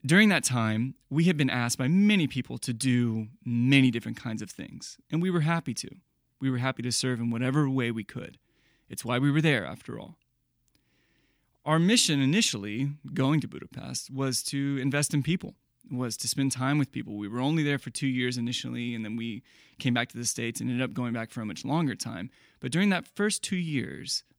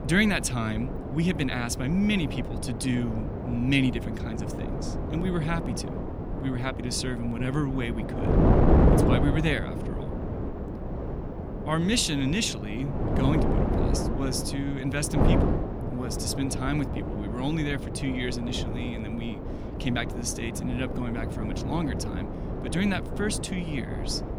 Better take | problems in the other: first | wind noise on the microphone; heavy; 3 dB below the speech

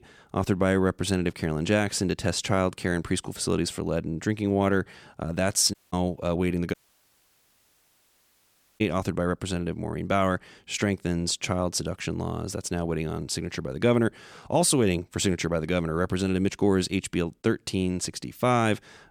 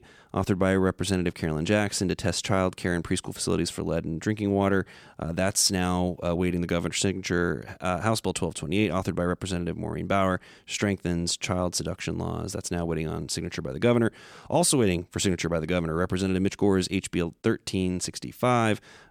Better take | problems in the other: second | audio cutting out; at 5.5 s and at 6.5 s for 2 s

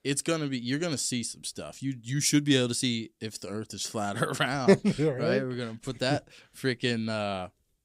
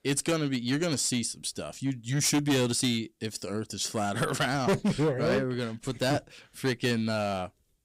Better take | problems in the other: first | distortion; heavy; 7% of the sound clipped

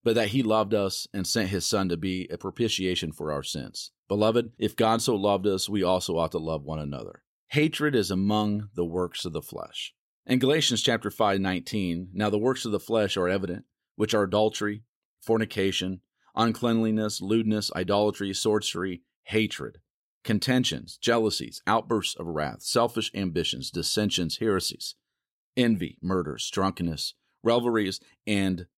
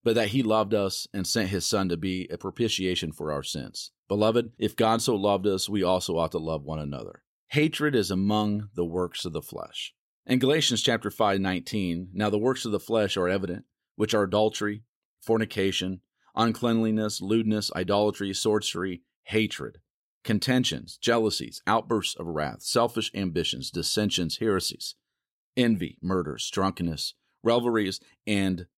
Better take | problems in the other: neither | none

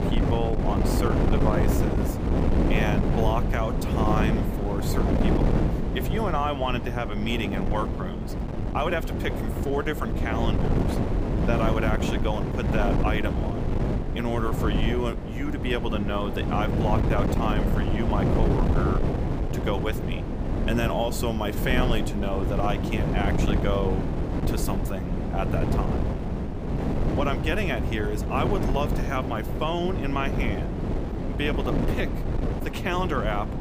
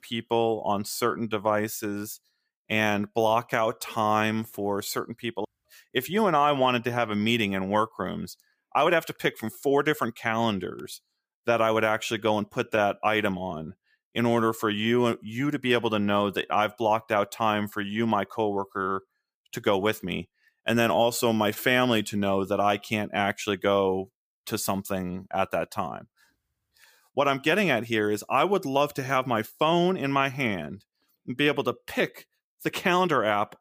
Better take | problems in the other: second | wind noise on the microphone; heavy; 2 dB below the speech

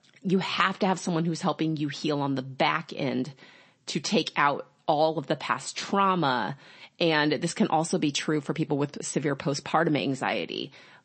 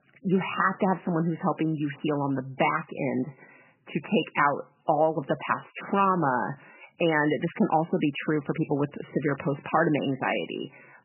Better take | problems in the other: first | garbled, watery; badly; nothing above 3 kHz; slightly in the first

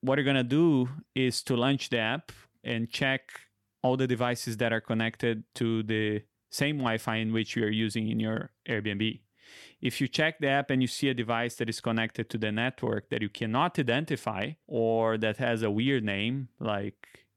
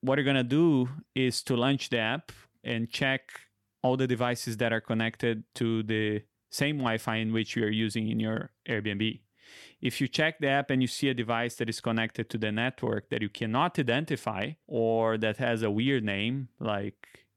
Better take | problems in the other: neither | none

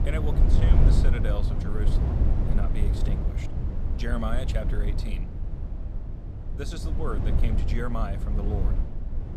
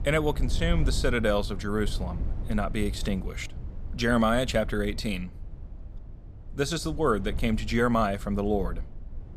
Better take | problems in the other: second | low rumble; loud; throughout; 2 dB below the speech; faint in the second

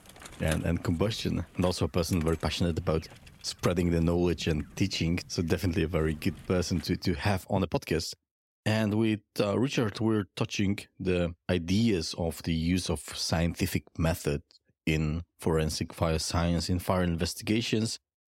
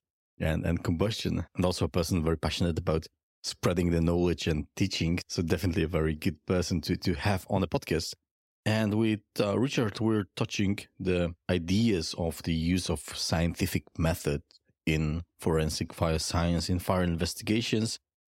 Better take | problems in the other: second | traffic noise; noticeable; until 7 s; 20 dB below the speech

